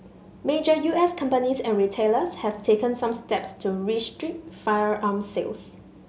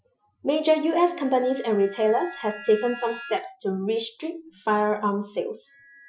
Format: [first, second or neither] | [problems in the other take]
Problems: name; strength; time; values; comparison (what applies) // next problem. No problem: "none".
first | noise reduction (classical method Wiener filter)